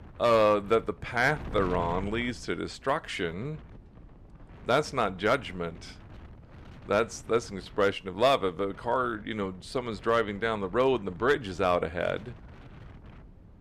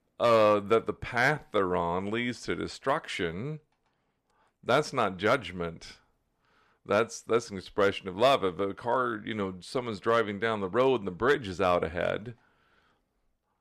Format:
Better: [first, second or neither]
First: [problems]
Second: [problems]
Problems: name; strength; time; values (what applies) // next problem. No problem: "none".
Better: second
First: wind noise on the microphone; occasional gusts; 25 dB below the speech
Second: none